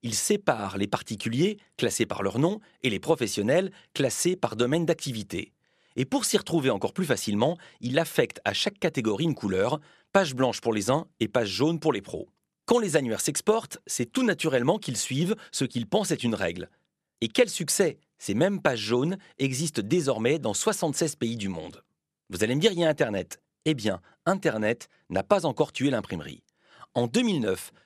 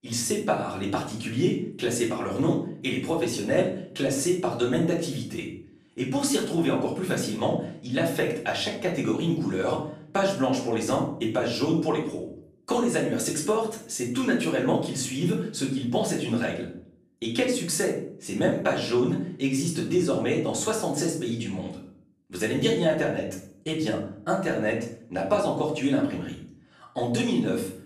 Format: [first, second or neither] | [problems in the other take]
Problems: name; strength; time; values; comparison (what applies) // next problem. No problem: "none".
first | room echo; noticeable; dies away in 0.5 s // off-mic speech; far